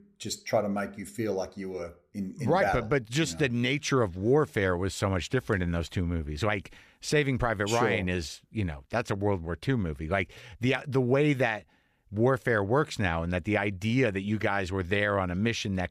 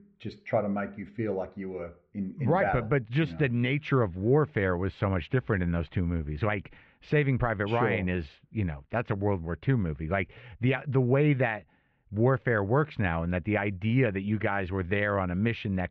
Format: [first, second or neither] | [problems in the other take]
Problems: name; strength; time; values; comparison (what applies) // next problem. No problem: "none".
first | muffled; very; fading above 3 kHz